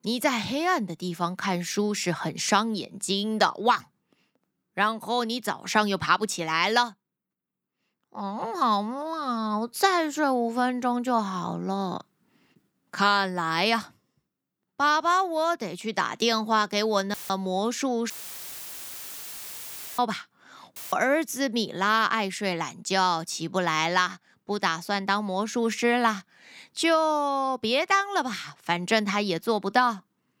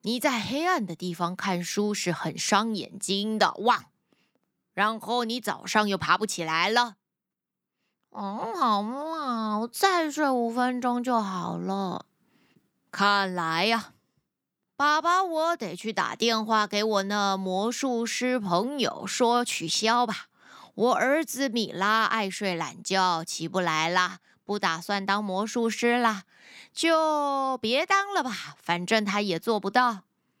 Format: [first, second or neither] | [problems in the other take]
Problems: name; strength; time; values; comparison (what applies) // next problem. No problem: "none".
second | audio cutting out; filled with static; at 17 s, at 18 s for 2 s and at 21 s